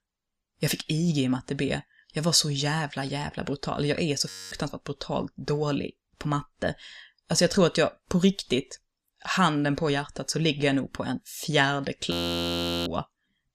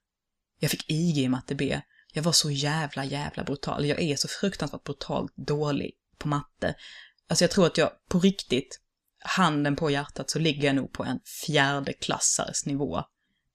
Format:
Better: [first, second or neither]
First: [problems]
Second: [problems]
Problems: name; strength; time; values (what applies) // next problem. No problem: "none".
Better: second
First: audio freezing; at 4.5 s and at 12 s for 1 s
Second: none